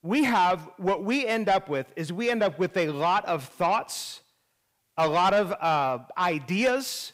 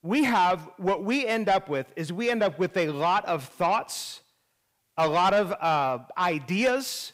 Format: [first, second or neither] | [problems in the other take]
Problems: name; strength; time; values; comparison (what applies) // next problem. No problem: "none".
neither | distortion; slight; 10 dB below the speech; the same in both